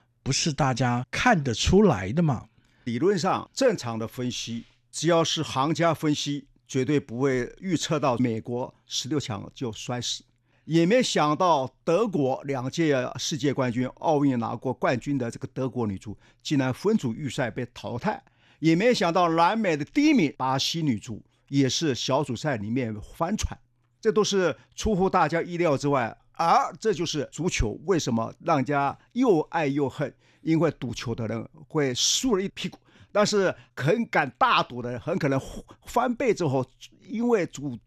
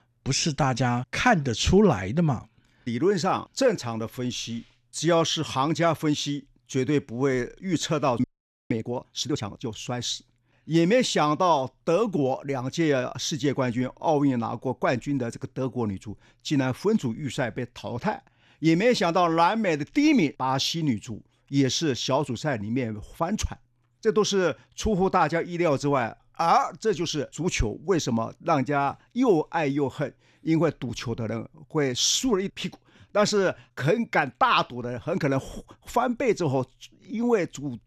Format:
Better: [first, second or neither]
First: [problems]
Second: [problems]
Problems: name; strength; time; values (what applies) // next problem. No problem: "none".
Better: first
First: none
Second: audio freezing; at 8 s